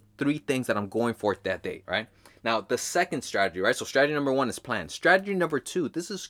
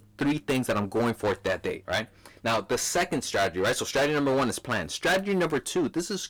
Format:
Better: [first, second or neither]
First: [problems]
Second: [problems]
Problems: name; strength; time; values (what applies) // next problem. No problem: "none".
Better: first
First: none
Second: distortion; heavy; 13% of the sound clipped